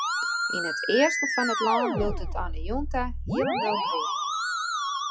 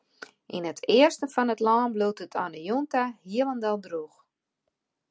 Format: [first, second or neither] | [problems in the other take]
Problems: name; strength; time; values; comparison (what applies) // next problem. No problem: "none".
second | noise reduction (classical method log-MMSE)